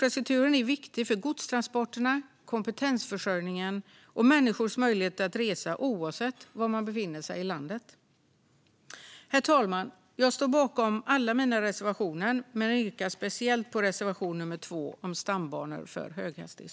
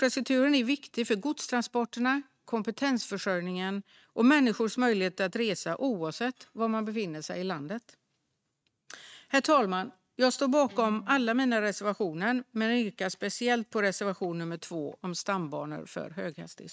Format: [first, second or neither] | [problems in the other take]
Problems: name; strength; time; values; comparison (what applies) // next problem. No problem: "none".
first | noise reduction (neural mask model RNNoise)